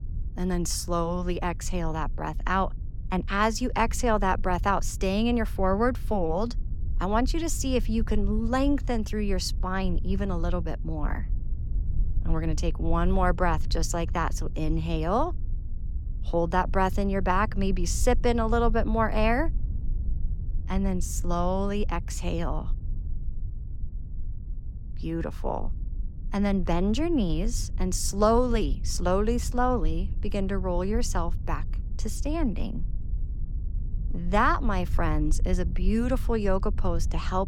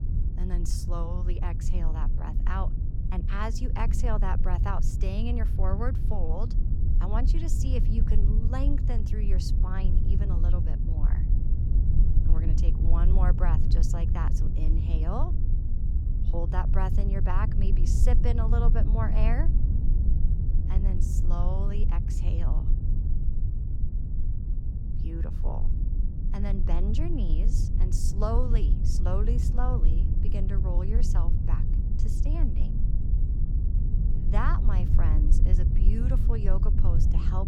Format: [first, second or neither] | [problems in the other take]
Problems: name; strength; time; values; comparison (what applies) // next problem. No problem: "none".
first | low rumble; loud; throughout; 5 dB below the speech; faint in the first